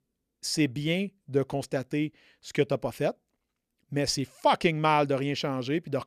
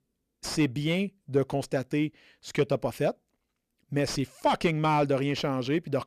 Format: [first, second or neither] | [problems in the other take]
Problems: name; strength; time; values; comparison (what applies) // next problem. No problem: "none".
first | distortion; slight; 10 dB below the speech